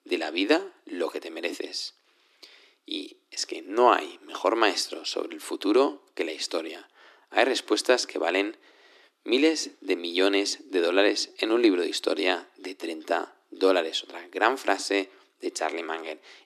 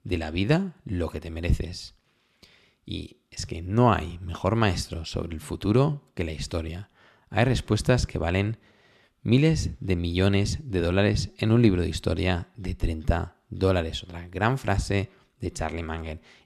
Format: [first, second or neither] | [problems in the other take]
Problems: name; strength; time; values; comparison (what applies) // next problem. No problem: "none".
second | thin; somewhat; fading below 300 Hz